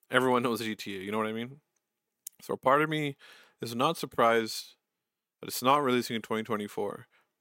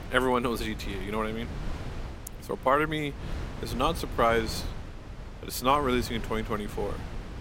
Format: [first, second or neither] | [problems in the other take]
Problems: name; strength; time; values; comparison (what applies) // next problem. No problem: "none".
first | wind noise on the microphone; occasional gusts; 15 dB below the speech